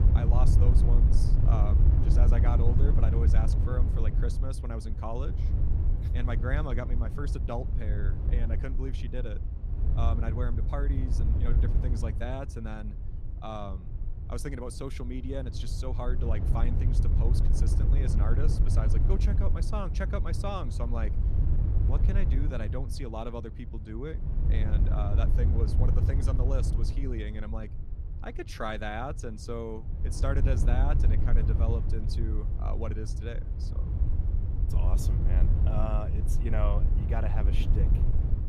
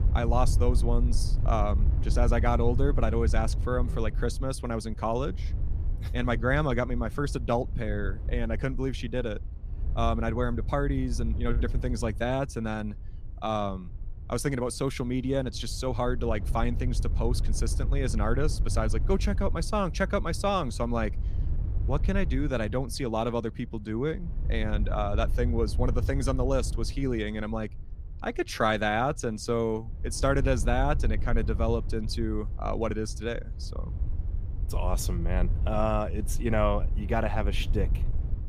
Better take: second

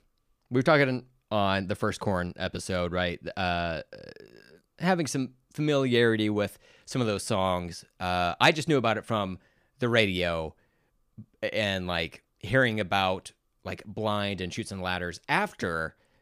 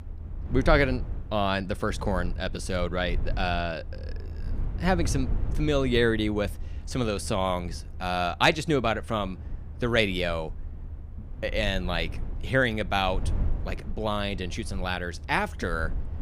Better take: first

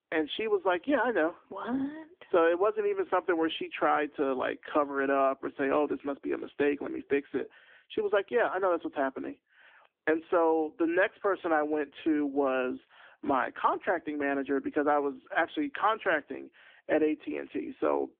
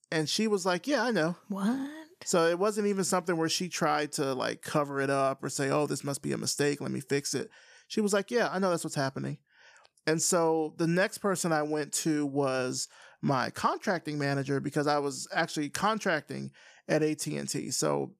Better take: second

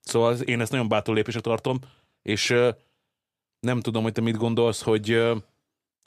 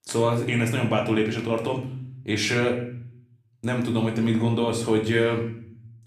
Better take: first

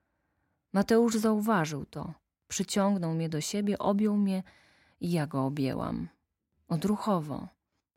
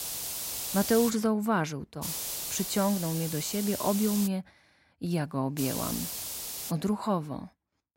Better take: first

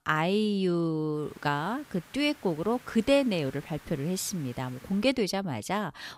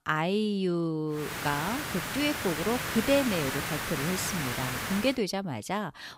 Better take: first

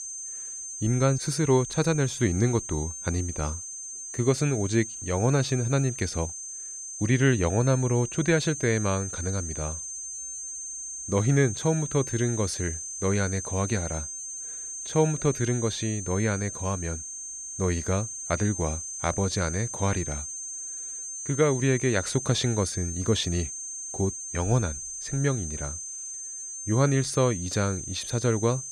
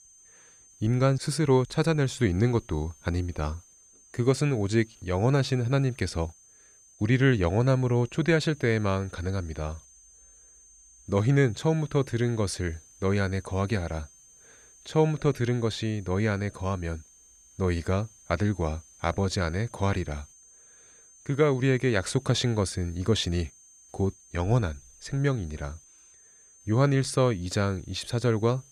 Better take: second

